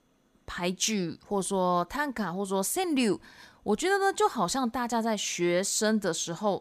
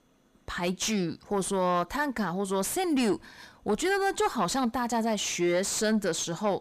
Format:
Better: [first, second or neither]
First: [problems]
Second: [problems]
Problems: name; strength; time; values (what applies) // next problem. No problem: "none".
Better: first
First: none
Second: distortion; slight; 10 dB below the speech